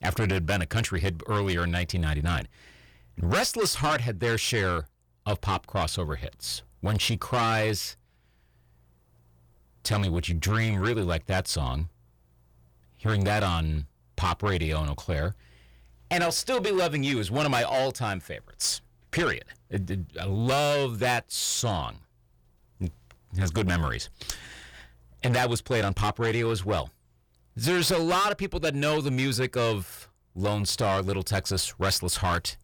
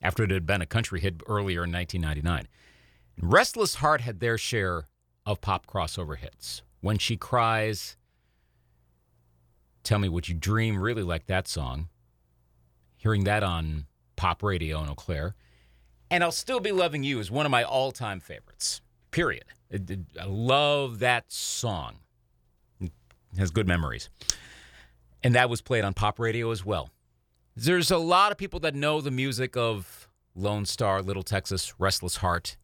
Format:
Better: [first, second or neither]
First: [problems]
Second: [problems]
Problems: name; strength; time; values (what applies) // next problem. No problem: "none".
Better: second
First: distortion; heavy; 7 dB below the speech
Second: none